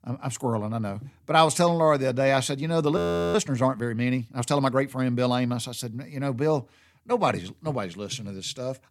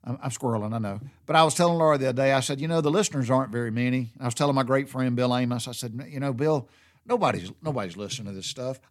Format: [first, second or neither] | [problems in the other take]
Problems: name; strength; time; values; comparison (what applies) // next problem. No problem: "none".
second | audio freezing; at 3 s